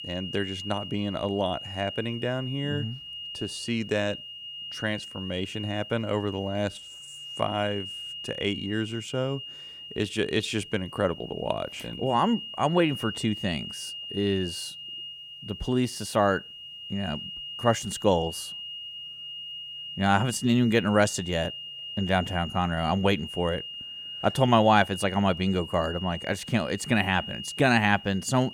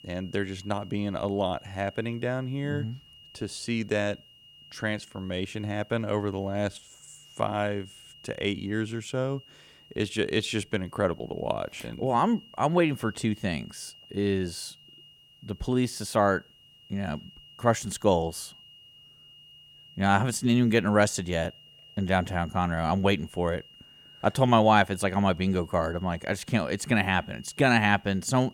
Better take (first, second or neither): second